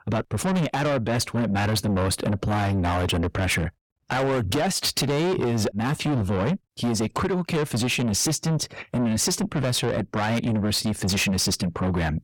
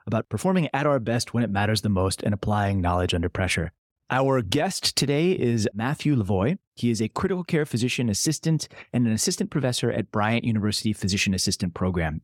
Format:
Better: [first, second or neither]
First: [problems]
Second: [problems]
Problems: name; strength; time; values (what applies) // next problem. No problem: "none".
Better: second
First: distortion; heavy; 7 dB below the speech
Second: none